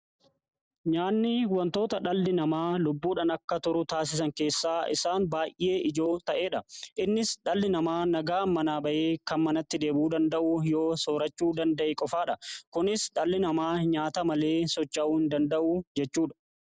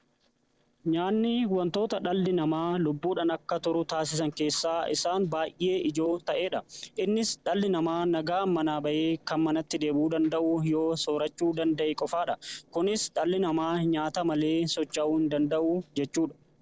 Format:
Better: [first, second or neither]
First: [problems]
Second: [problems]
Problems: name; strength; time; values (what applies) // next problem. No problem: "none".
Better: first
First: none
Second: noise reduction (neural separator model SepFormer DNS4)